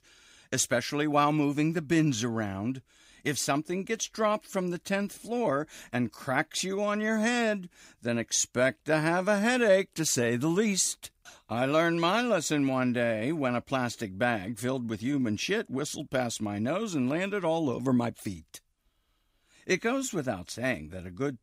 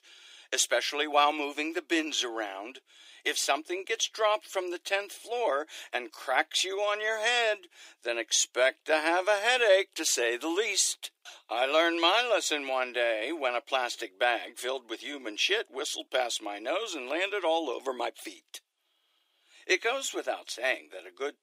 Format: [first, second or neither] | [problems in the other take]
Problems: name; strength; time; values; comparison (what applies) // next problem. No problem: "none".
first | thin; very; fading below 350 Hz